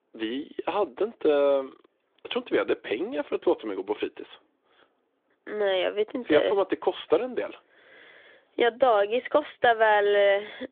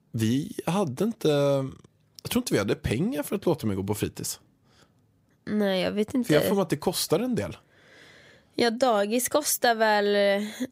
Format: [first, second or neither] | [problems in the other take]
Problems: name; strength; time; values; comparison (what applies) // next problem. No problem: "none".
second | phone-call audio; nothing above 3.5 kHz